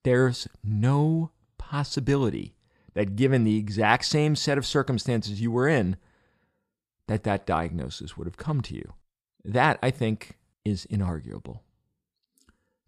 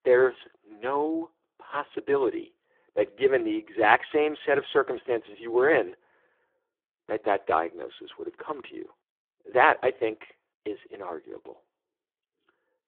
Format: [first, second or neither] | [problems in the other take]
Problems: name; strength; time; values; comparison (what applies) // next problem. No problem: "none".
first | phone-call audio; poor line